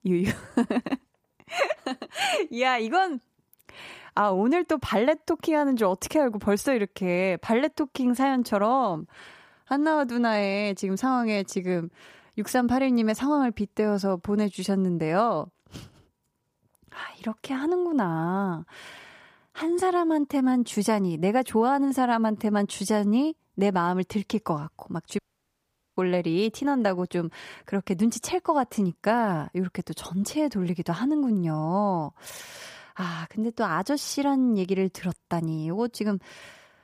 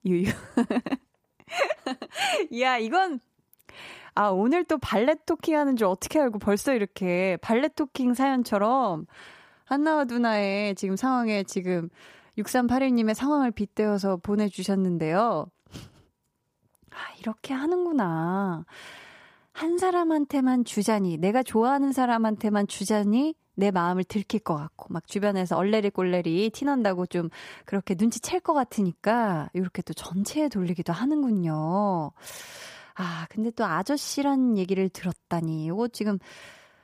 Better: second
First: audio cutting out; at 25 s for 1 s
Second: none

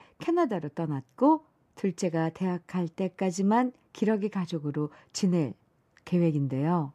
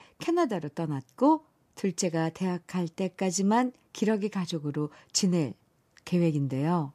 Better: second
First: muffled; slightly; fading above 3 kHz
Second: none

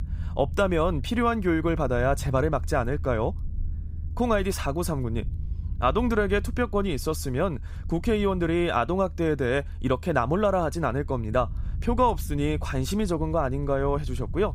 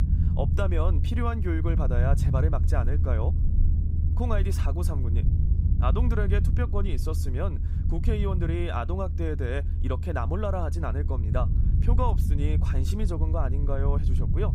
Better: first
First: low rumble; faint; throughout; 25 dB below the speech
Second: low rumble; loud; throughout; 8 dB below the speech

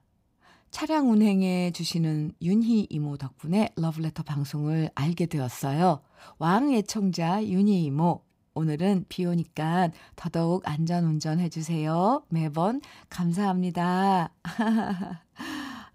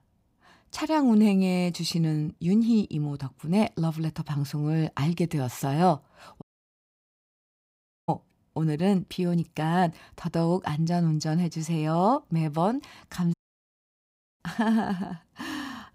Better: first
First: none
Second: audio cutting out; at 6.5 s for 1.5 s and at 13 s for 1 s

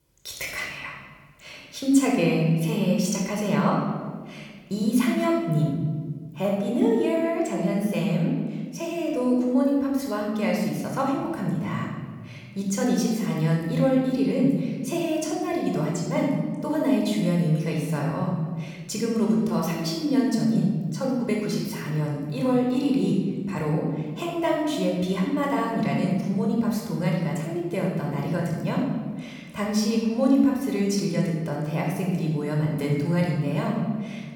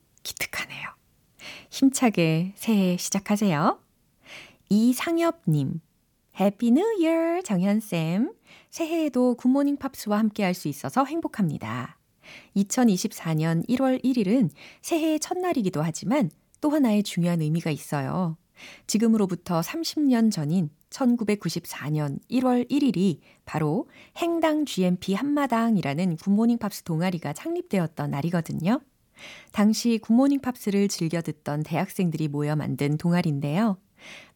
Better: second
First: room echo; noticeable; dies away in 1.4 s // off-mic speech; somewhat distant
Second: none

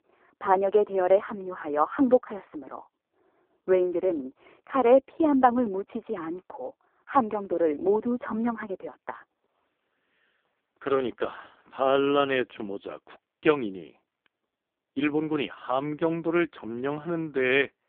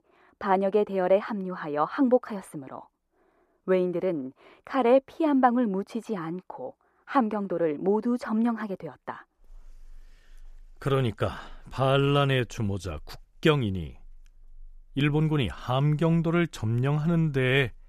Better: second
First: phone-call audio; poor line; nothing above 3.5 kHz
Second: none

